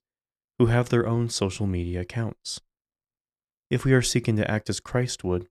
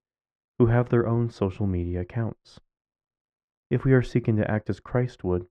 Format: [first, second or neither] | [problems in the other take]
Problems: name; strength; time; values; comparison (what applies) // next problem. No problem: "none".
first | muffled; very; fading above 3.5 kHz